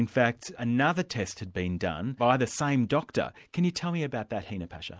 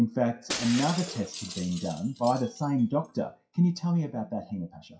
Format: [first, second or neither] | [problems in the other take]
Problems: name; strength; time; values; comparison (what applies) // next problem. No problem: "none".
first | noise reduction (classical method WPE with log-MMSE)